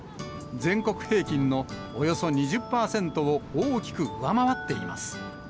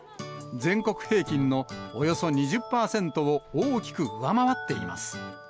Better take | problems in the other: second | background sound (Waves, surf); 15 dB below the speech

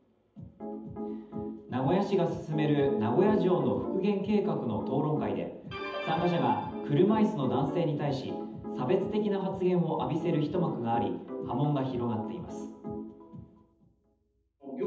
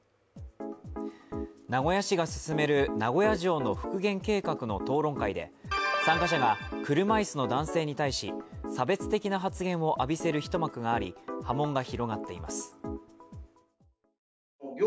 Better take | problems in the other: second | room echo; dies away in 0.8 s

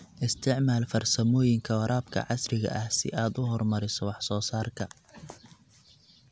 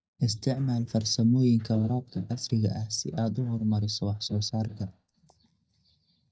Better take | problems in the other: first | noise reduction (neural mask model DeepFilterNet 3)

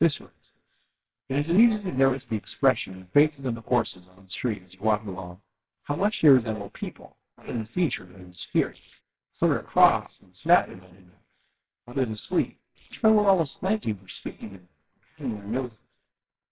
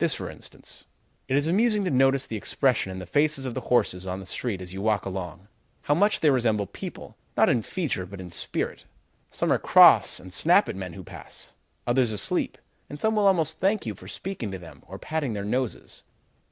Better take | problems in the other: second | noise reduction (neural separator model SepFormer WHAMR!)

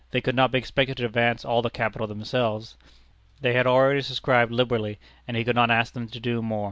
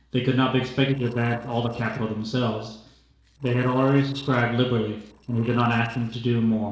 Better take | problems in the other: first | noise reduction (neural separator model SepFormer DNS4)

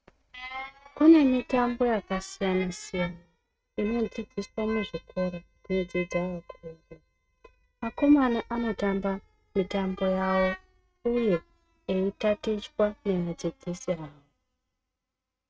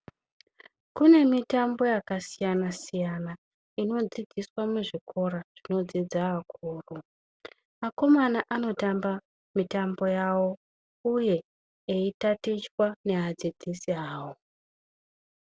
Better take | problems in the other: second | noise reduction (neural mask model RNNoise)

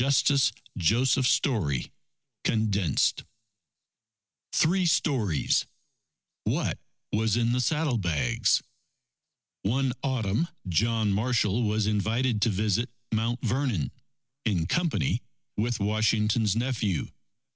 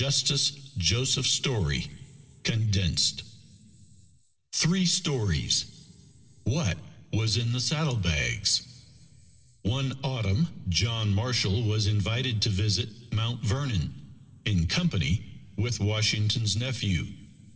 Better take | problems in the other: first | room echo; dies away in 2.6 s

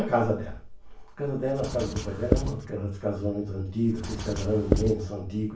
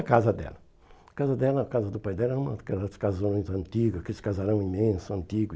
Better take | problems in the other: second | background sound (Writing); 2 dB below the speech // room echo; dies away in 0.3 s

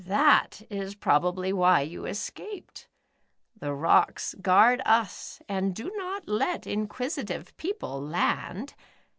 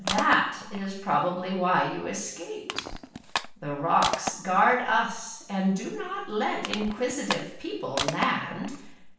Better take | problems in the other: first | background sound (Crushing); 9 dB below the speech // room echo; dies away in 0.7 s

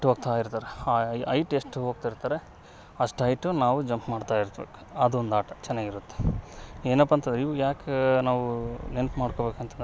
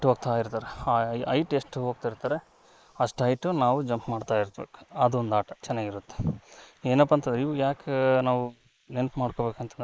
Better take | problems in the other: first | noise reduction (neural mask model Resemble Enhance denoiser)

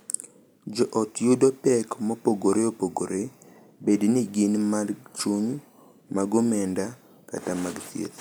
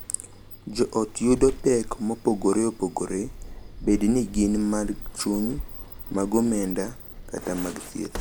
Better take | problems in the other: first | background sound (Sliding door); 12 dB below the speech

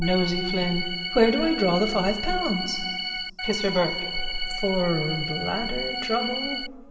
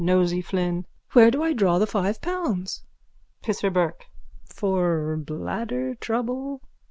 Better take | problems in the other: second | background sound (Organ); 5 dB below the speech // room echo; dies away in 1.7 s

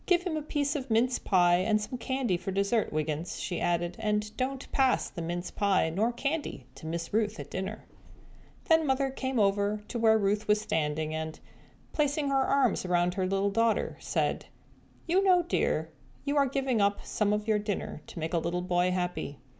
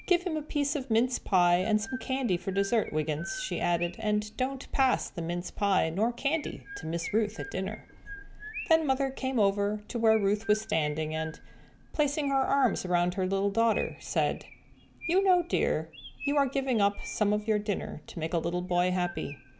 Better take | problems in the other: first | background sound (Chirp, tweet); 18 dB below the speech

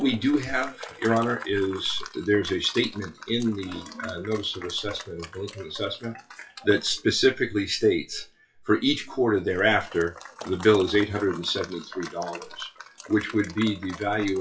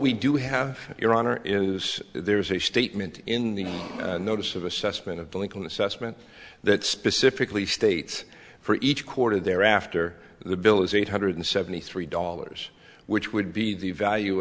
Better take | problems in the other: second | noise reduction (classical method WPE with log-MMSE)

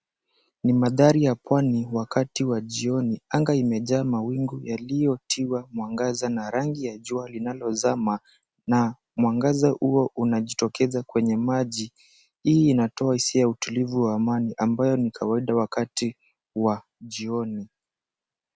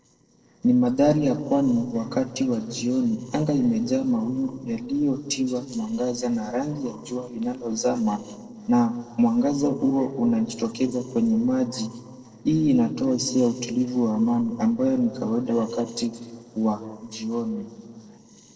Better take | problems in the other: first | noise reduction (neural separator model SepFormer DNS4)

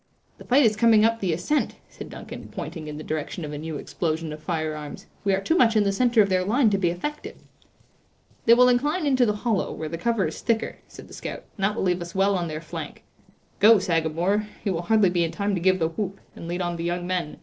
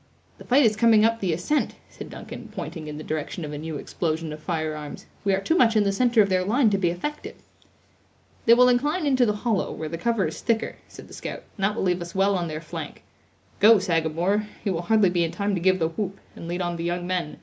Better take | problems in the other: second | noise reduction (neural separator model SepFormer DNS4)

